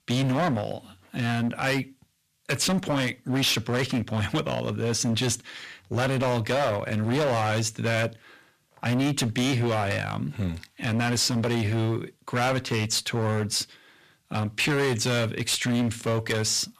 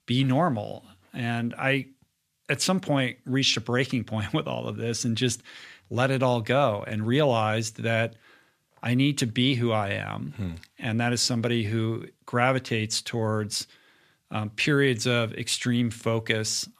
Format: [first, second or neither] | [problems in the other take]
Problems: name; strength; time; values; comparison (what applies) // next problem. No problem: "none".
second | distortion; heavy; 16% of the sound clipped